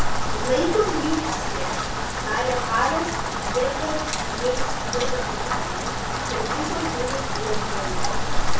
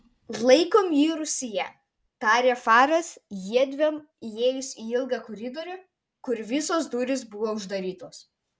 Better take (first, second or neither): second